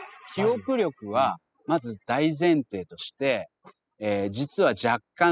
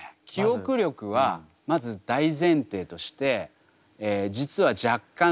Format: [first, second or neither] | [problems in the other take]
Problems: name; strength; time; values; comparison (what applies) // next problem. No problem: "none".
second | noise reduction (classical method spectral subtraction)